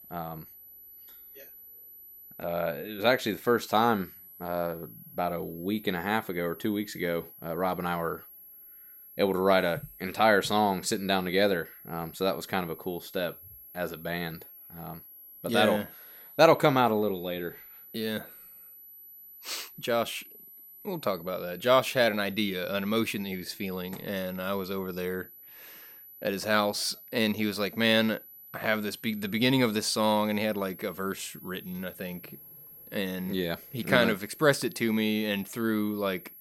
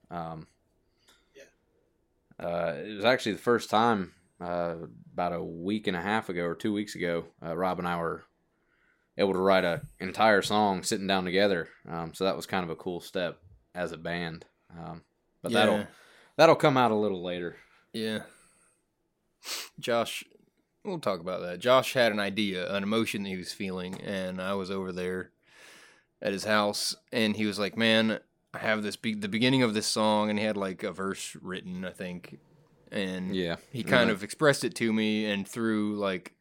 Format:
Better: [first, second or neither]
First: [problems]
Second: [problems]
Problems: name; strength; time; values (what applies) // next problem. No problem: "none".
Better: second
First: high-pitched whine; noticeable; throughout; 11.5 kHz, 20 dB below the speech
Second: none